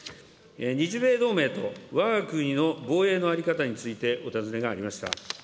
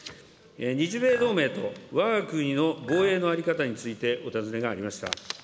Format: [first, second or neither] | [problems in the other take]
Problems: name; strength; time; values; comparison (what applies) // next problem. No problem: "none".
first | background sound (Chink, clink); 14 dB below the speech